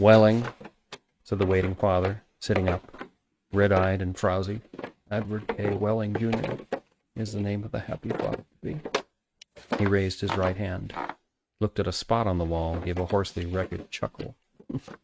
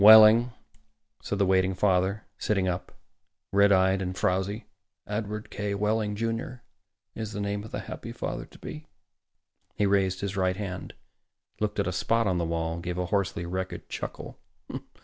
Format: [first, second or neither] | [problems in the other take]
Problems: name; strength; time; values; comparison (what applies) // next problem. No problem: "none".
second | noise reduction (neural mask model RNNoise)